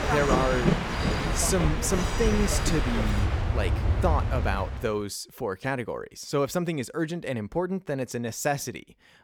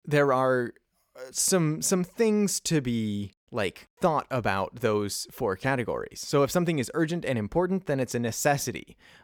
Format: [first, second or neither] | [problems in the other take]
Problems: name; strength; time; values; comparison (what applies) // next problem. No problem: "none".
second | train or aircraft noise; very loud; until 4.5 s; 2 dB above the speech